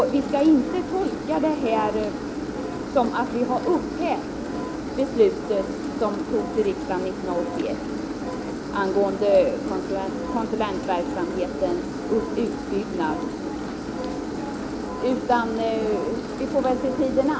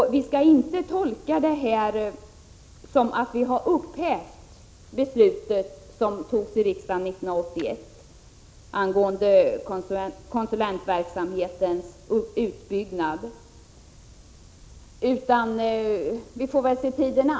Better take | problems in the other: second | background sound (Engine); 4 dB below the speech

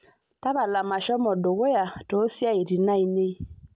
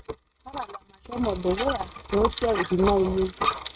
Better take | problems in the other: first | noise reduction (neural mask model RNNoise)

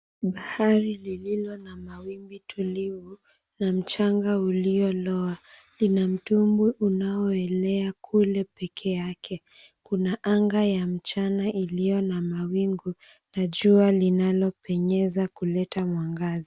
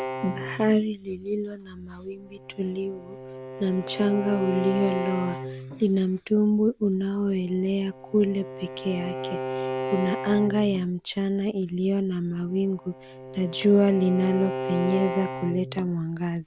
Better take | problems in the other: first | background sound (Bowed string instrument); 9 dB below the speech

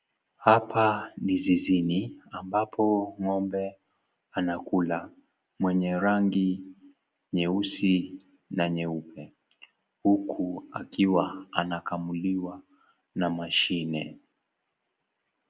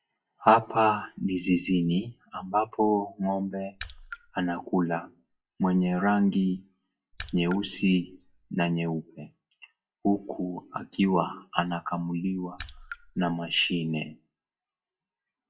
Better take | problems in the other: first | noise reduction (classical method WPE with log-MMSE)

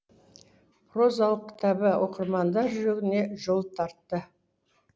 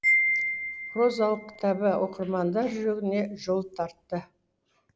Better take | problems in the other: first | background sound (Wind chime); 4 dB below the speech

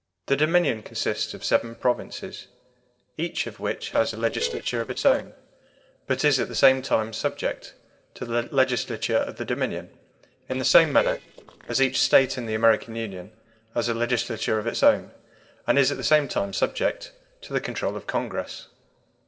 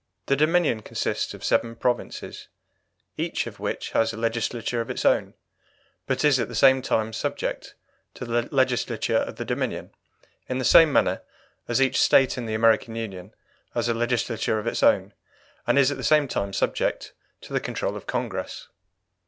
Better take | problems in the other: second | noise reduction (neural separator model SepFormer DNS4)

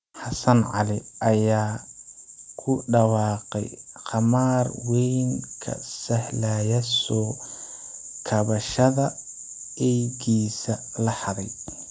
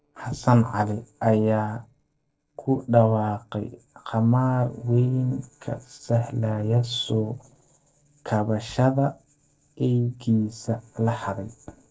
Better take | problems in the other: first | noise reduction (neural separator model SepFormer DNS4)

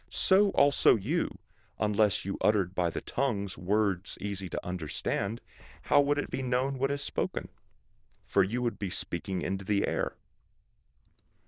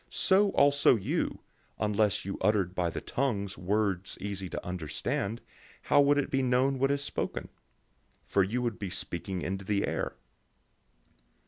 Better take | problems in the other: second | noise reduction (neural diffusion model UNIVERSE++)

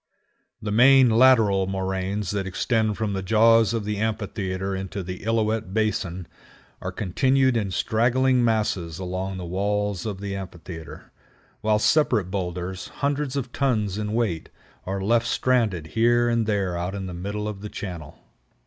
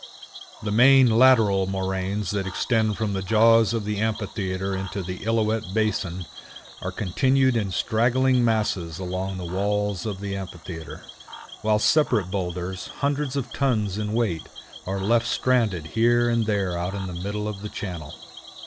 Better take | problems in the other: first | background sound (Cricket / Frog); 18 dB below the speech

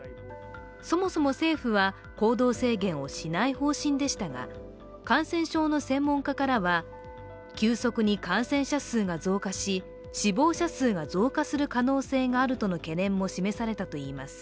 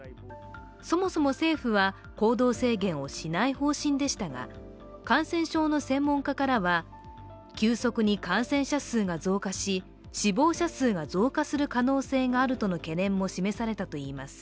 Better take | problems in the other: second | background sound (Wind instrument, woodwind instrument); 20 dB below the speech

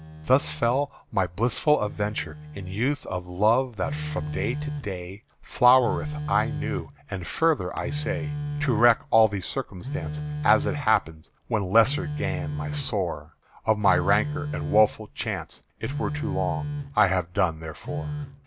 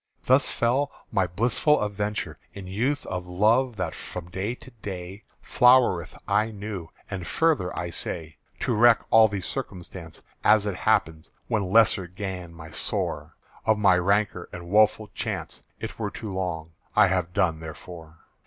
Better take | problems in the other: second | background sound (Telephone); 8 dB below the speech

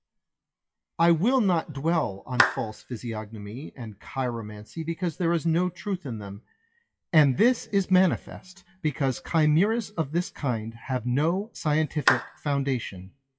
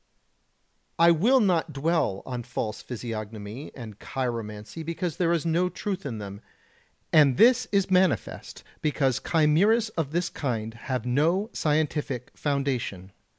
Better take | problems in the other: second | noise reduction (classical method WPE with log-MMSE)

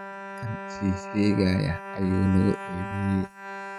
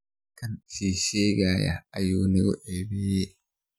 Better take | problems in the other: second | noise reduction (neural mask model RNNoise)

